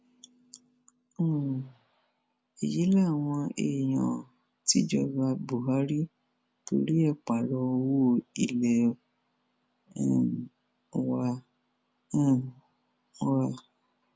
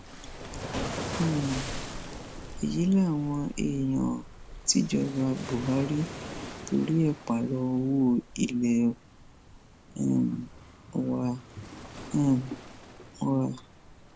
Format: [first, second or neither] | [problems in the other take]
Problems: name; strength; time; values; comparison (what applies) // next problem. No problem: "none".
first | background sound (Waves, surf); 11 dB below the speech